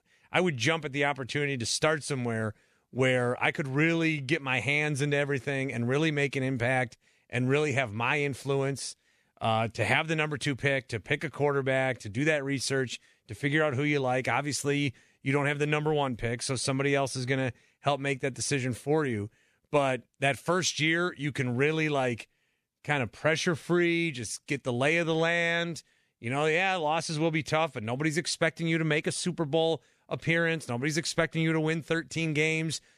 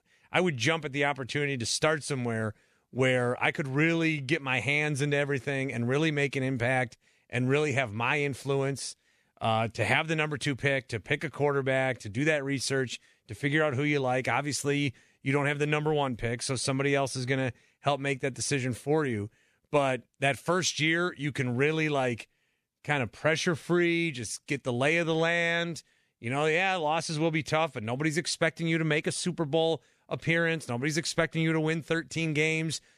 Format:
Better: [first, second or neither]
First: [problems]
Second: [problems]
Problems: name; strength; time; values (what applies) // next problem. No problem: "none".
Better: neither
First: none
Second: none